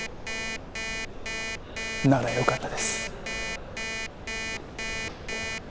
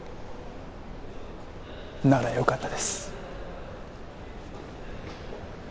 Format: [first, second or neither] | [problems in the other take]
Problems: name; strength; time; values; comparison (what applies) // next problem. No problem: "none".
second | background sound (Alarm); 4 dB below the speech